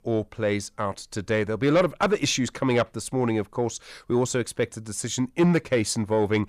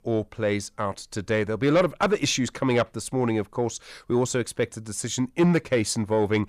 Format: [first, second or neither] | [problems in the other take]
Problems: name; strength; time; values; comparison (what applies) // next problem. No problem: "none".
neither | distortion; slight; 10 dB below the speech; the same in both